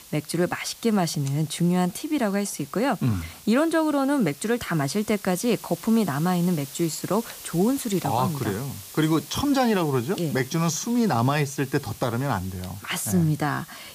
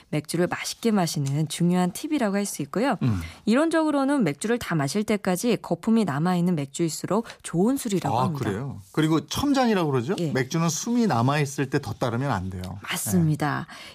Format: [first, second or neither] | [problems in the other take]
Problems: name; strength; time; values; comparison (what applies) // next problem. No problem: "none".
second | hiss; noticeable; throughout; 15 dB below the speech